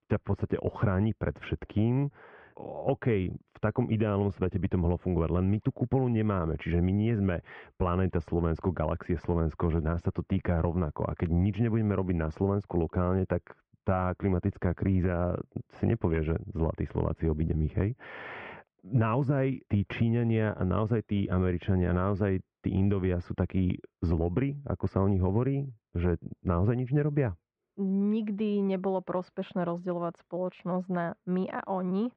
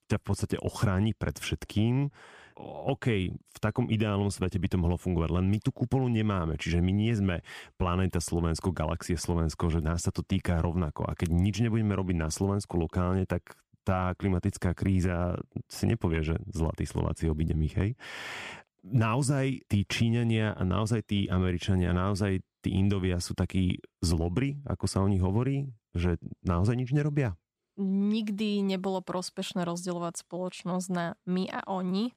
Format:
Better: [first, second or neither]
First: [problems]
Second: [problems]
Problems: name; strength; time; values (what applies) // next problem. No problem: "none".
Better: second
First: muffled; very; fading above 2 kHz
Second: none